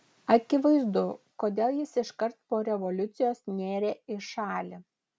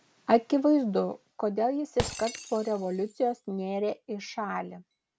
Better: first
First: none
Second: background sound (Shatter); 15 dB below the speech

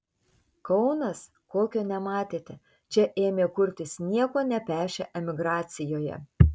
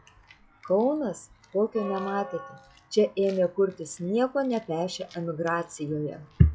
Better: first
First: none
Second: noise reduction (classical method log-MMSE)

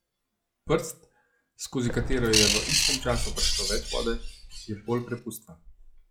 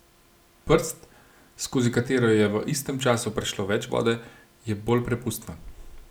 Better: second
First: noise reduction (classical method log-MMSE)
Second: none

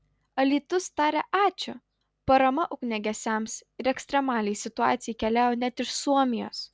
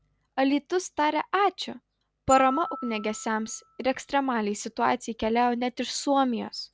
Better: first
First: none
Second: background sound (Glockenspiel); 14 dB below the speech

